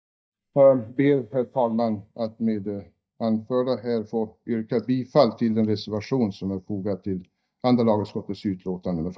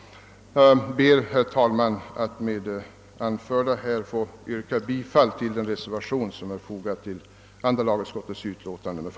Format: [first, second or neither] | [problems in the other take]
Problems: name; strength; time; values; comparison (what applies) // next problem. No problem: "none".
second | noise reduction (neural mask model DeepFilterNet 3)